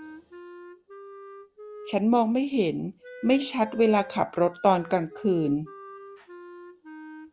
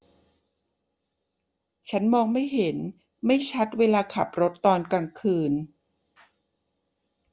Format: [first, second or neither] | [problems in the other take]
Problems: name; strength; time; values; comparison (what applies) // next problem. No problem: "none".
second | background sound (Wind instrument, woodwind instrument); 18 dB below the speech